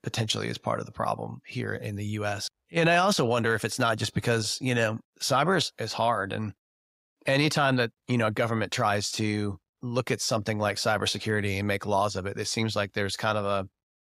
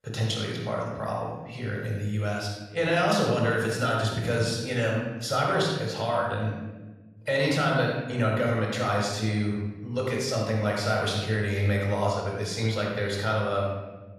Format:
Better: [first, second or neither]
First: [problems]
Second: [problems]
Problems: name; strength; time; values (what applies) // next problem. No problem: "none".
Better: first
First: none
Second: off-mic speech; far // room echo; noticeable; dies away in 1.1 s